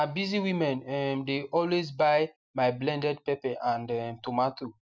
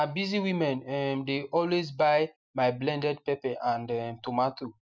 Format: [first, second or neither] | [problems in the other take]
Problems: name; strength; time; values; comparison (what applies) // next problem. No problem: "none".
first | noise reduction (neural mask model Resemble Enhance denoiser)